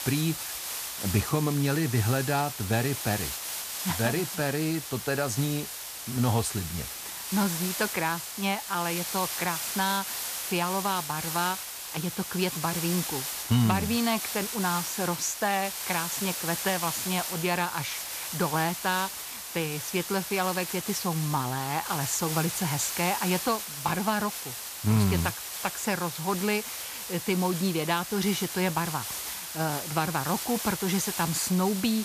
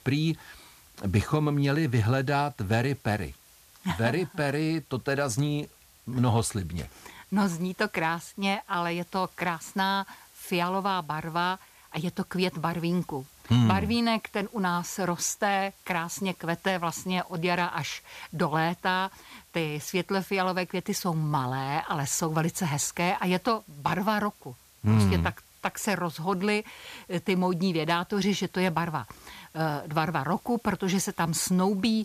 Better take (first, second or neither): second